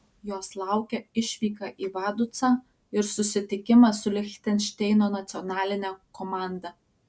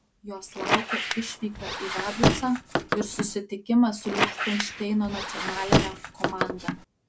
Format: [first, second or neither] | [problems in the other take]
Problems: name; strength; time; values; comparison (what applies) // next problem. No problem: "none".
first | background sound (Squeak); 2 dB above the speech